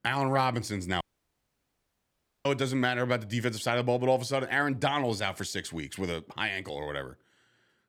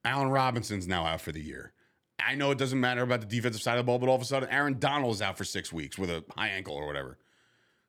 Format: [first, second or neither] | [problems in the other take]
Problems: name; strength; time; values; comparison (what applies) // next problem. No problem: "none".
second | audio cutting out; at 1 s for 1.5 s